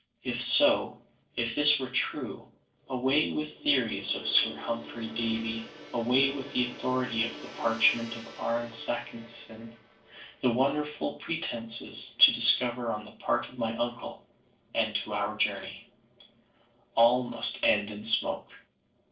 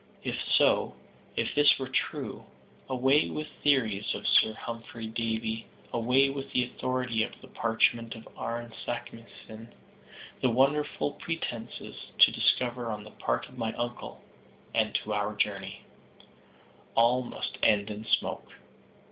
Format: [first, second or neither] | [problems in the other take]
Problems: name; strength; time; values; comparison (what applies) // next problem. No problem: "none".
second | noise reduction (neural separator model SepFormer DNS4)